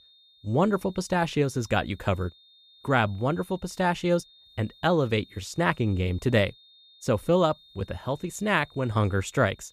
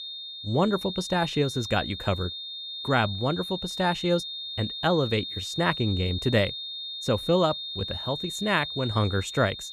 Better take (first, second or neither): first